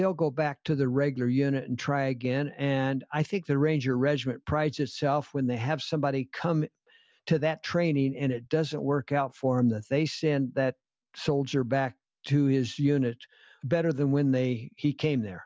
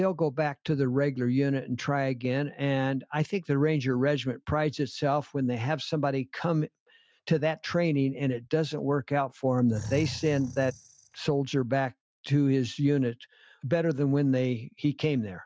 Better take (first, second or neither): first